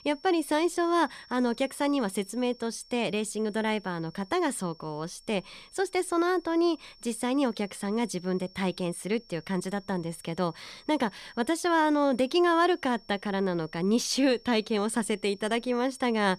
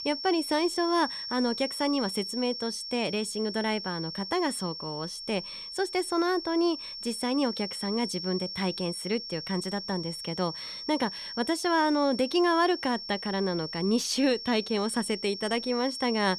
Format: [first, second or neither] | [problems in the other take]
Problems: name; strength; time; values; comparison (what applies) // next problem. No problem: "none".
first | high-pitched whine; loud; throughout; 5.5 kHz, 7 dB below the speech; faint in the first